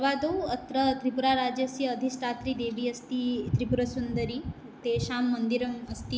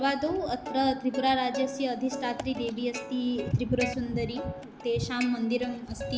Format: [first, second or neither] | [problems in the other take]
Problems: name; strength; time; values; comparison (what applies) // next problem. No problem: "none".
first | background sound (Plucked string instrument); 11 dB below the speech